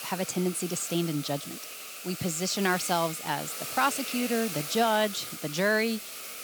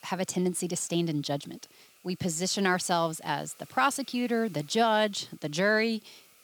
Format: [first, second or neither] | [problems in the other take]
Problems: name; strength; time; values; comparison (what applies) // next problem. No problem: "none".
second | hiss; loud; throughout; 7 dB below the speech; faint in the second